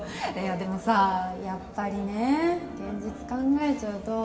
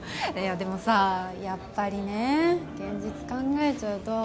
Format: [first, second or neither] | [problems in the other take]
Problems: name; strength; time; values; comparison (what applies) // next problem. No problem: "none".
second | room echo; dies away in 1.6 s